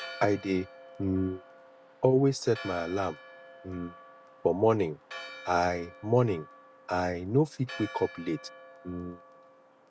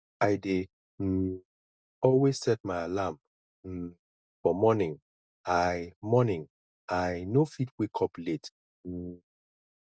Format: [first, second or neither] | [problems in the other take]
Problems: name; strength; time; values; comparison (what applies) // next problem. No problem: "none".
second | background sound (Church bell); 17 dB below the speech